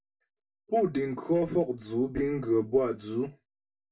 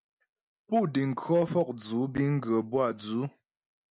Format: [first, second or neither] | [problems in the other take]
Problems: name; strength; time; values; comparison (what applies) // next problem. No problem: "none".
second | room echo; dies away in 0.2 s